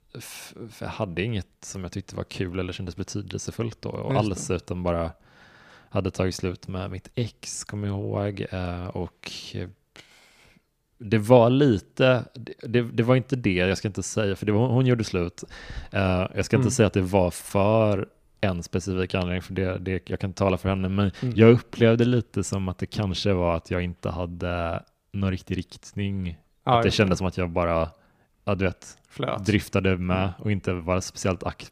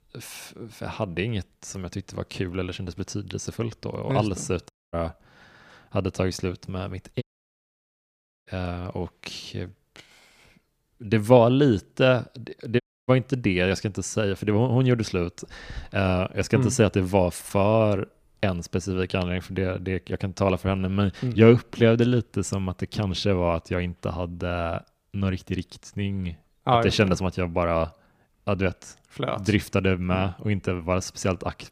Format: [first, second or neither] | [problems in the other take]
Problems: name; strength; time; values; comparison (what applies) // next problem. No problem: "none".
first | audio cutting out; at 4.5 s, at 7 s for 1 s and at 13 s